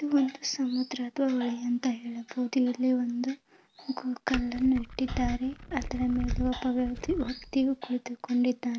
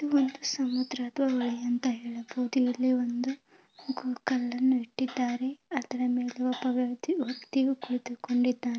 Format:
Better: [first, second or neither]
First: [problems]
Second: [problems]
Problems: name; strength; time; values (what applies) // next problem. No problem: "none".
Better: second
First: background sound (Glass); 7 dB below the speech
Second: none